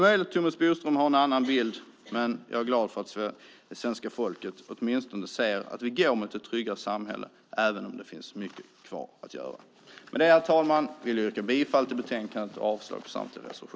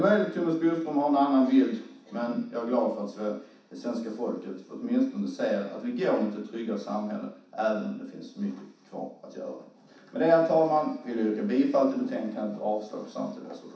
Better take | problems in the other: first | room echo; dies away in 0.7 s

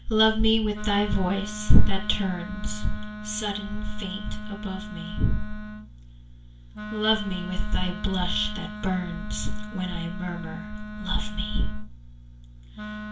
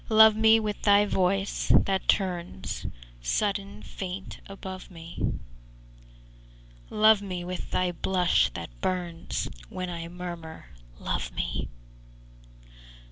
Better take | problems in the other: second | background sound (Wind instrument, woodwind instrument); 14 dB below the speech // room echo; dies away in 0.3 s

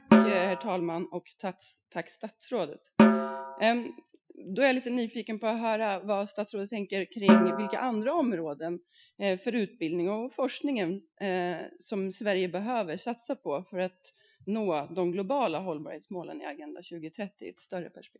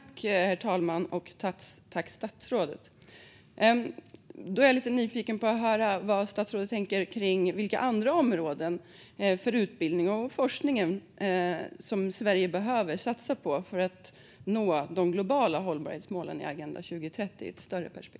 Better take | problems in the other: second | noise reduction (classical method Wiener filter)

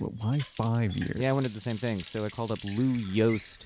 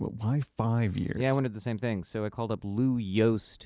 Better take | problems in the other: second | background sound (Water tap, faucet); 19 dB below the speech

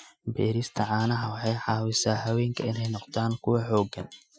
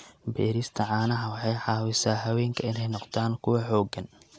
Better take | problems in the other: second | noise reduction (classical method Wiener filter)

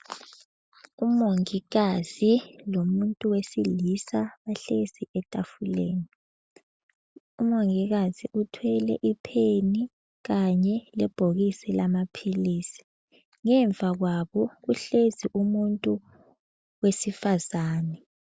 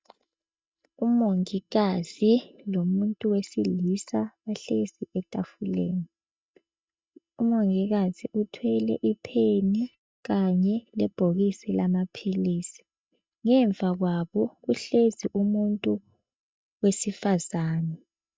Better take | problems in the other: first | noise reduction (neural mask model DeepFilterNet 3)

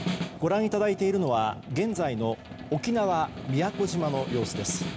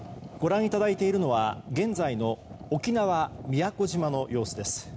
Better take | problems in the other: second | background sound (Snare drum); 10 dB below the speech

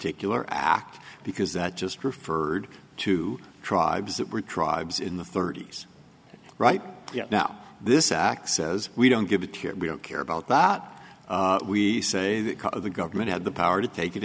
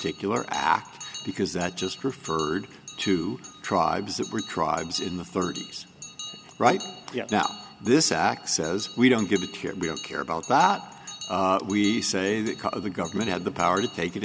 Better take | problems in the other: first | background sound (Bell); 15 dB below the speech

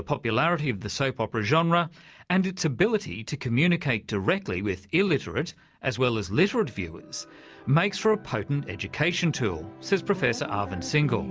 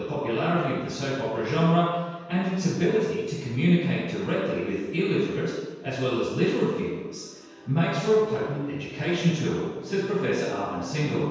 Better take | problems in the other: first | room echo; dies away in 1.2 s

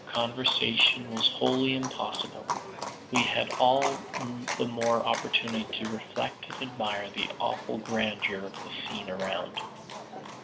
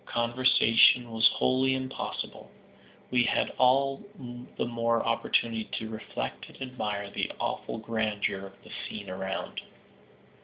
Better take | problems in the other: second | background sound (Livestock, farm animals, working animals); 9 dB below the speech

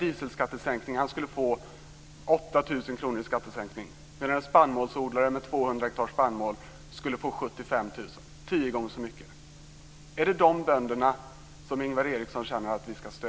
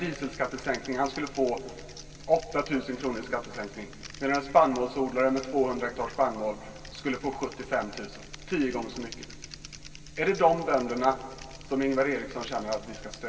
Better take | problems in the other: first | background sound (Typing); 20 dB below the speech // room echo; dies away in 2.6 s

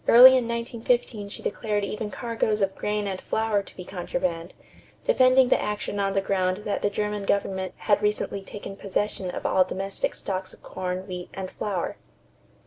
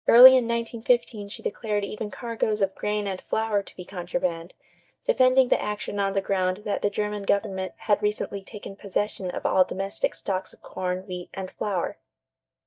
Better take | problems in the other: first | noise reduction (neural mask model DeepFilterNet 3)

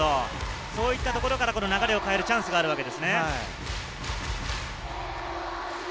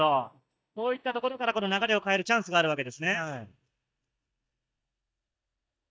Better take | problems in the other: first | noise reduction (neural mask model DeepFilterNet 3)

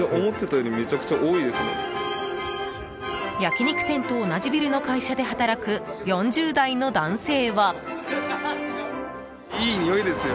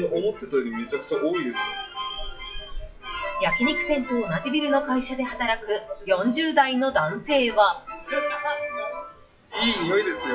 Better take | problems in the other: first | noise reduction (classical method WPE with log-MMSE)

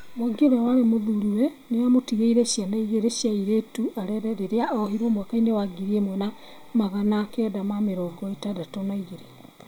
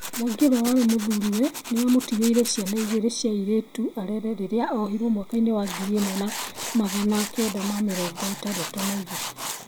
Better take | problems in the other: first | background sound (Tools); 11 dB below the speech

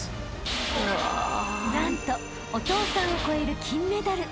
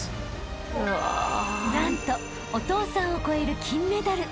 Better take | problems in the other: second | background sound (Tools); 6 dB below the speech

